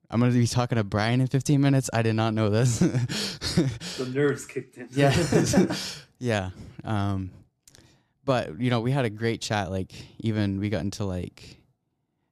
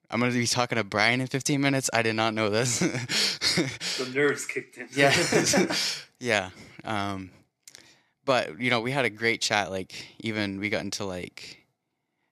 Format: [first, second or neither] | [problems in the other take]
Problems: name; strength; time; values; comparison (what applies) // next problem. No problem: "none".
first | thin; somewhat; fading below 500 Hz